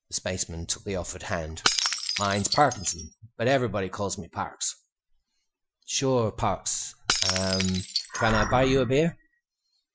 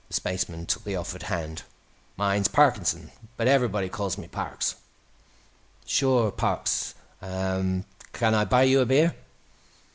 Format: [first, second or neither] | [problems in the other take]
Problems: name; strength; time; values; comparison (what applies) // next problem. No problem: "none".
second | noise reduction (classical method Wiener filter)